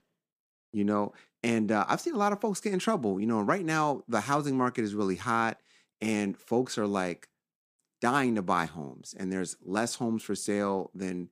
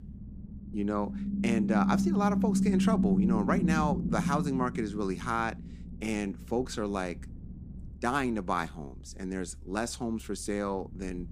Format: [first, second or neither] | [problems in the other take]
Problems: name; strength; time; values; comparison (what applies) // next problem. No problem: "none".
first | low rumble; loud; throughout; 4 dB below the speech